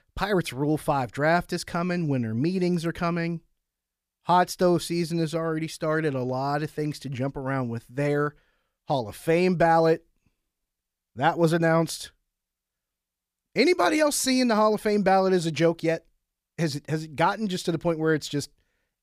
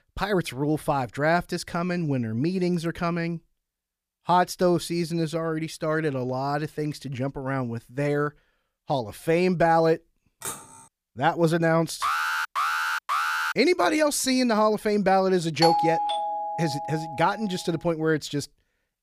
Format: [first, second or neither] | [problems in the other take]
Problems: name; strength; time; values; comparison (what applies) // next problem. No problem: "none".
first | clattering dishes; noticeable; at 10 s; peak 9 dB below the speech // alarm; loud; from 12 to 14 s; peak 1 dB above the speech // doorbell; loud; from 16 to 17 s; peak 3 dB above the speech